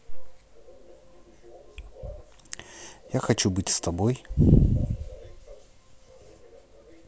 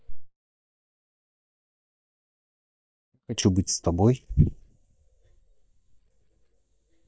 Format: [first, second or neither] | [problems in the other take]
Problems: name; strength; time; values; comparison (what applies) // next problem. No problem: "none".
first | noise reduction (neural mask model DeepFilterNet 3)